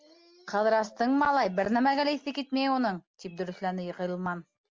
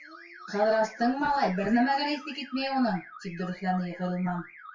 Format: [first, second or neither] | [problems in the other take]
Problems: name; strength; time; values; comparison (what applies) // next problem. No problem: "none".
first | noise reduction (classical method WPE with log-MMSE)